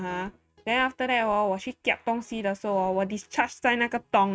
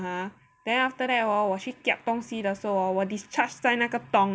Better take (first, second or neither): second